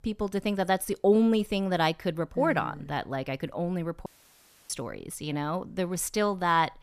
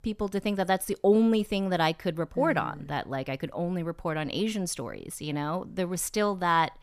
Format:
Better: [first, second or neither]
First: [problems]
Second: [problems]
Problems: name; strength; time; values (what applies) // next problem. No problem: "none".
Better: second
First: audio cutting out; at 4 s for 0.5 s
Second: none